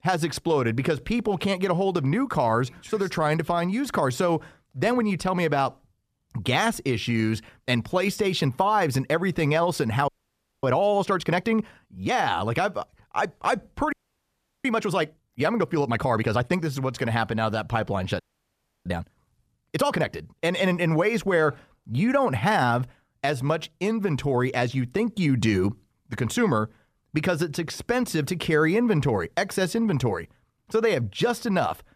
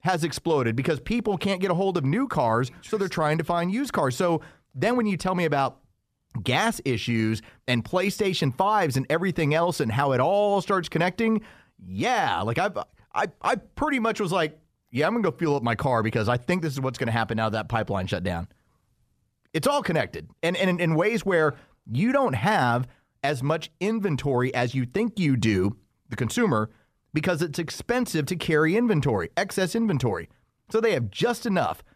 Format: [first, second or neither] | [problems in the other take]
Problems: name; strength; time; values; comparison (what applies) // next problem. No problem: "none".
second | audio freezing; at 10 s for 0.5 s, at 14 s for 0.5 s and at 18 s for 0.5 s